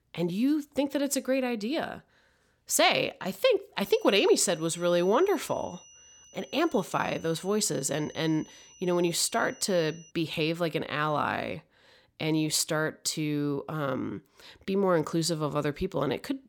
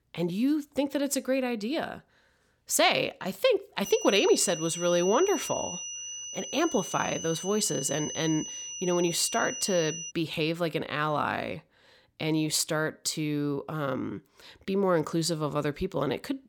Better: first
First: high-pitched whine; faint; from 4 to 10 s; 6 kHz, 25 dB below the speech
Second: high-pitched whine; loud; from 4 to 10 s; 6 kHz, 7 dB below the speech

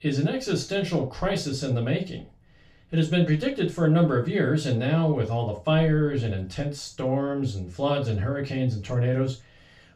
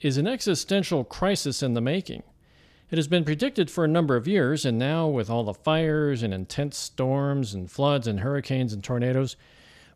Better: second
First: room echo; slight; dies away in 0.3 s // off-mic speech; far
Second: none

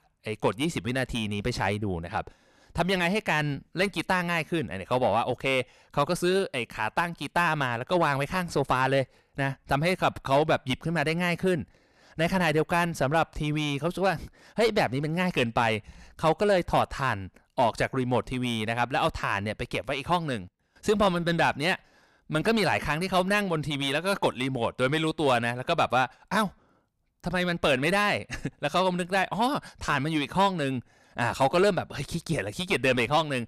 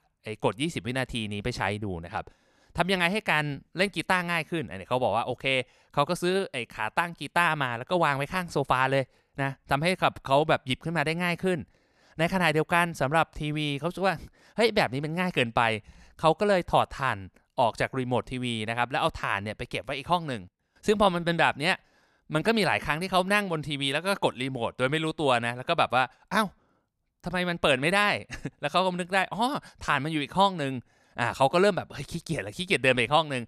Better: second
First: distortion; slight; 10 dB below the speech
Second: none

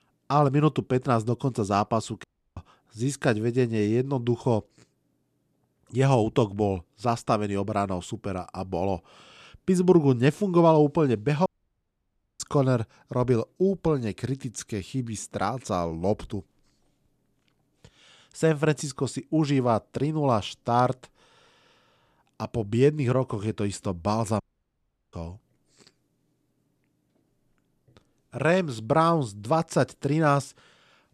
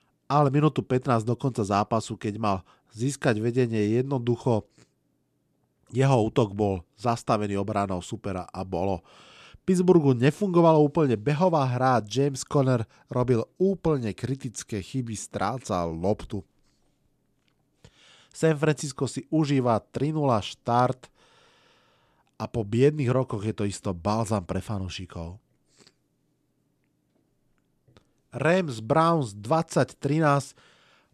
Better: second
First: audio cutting out; at 2 s, at 11 s for 1 s and at 24 s for 0.5 s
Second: none

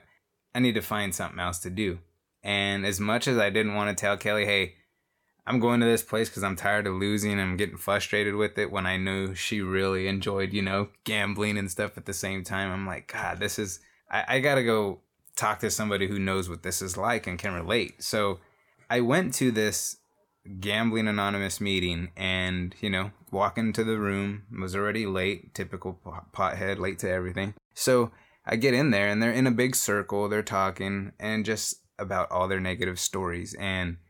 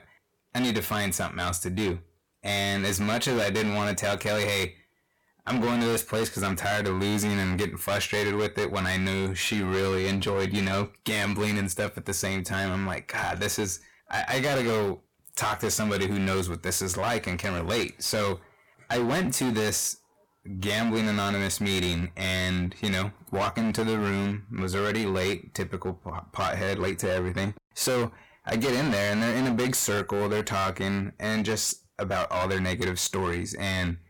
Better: first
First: none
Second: distortion; heavy; 20% of the sound clipped

